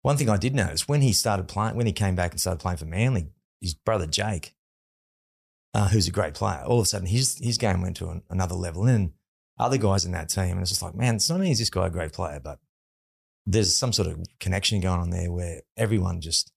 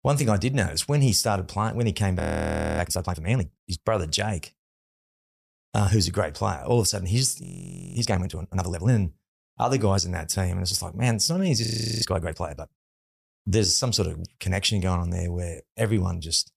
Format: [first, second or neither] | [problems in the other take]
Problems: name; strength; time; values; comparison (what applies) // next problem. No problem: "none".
first | audio freezing; at 2 s for 0.5 s, at 7.5 s for 0.5 s and at 12 s